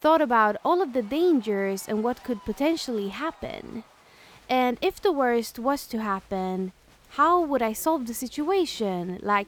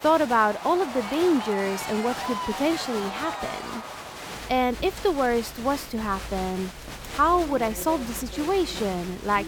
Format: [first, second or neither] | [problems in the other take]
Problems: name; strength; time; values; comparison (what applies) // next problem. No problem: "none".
first | crowd noise; loud; throughout; 9 dB below the speech; faint in the first